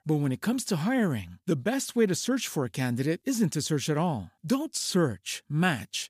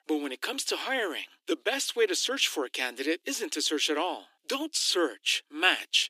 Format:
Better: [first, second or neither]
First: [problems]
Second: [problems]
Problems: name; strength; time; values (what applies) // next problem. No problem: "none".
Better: first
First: none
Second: thin; very; fading below 300 Hz